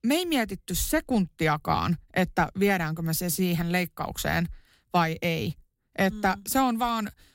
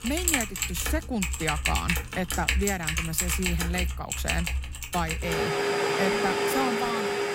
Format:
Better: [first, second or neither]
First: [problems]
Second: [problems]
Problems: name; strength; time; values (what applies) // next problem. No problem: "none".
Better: first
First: none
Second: household noises; very loud; throughout; 4 dB above the speech